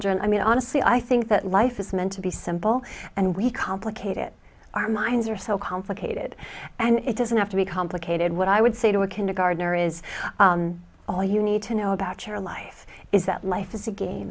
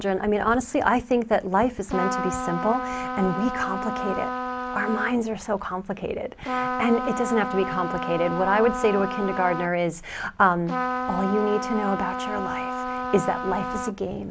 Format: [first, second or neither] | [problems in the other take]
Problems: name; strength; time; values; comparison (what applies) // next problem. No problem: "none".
first | background sound (Trumpet); 4 dB below the speech